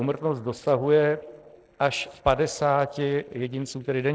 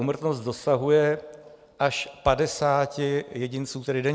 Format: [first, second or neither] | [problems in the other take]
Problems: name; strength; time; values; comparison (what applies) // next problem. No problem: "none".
second | noise reduction (neural separator model SepFormer DNS4)